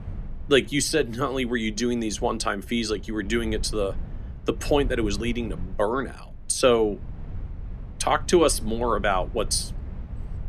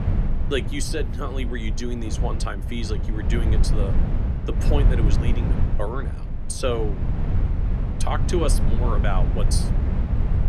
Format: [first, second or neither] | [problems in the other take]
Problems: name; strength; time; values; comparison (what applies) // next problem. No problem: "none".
first | low rumble; loud; throughout; 6 dB below the speech; faint in the first